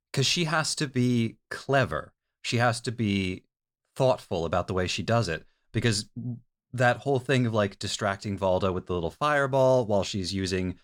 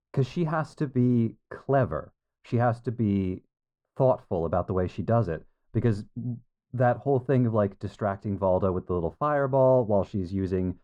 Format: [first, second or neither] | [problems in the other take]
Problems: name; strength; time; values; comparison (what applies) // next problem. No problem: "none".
first | muffled; very; fading above 2 kHz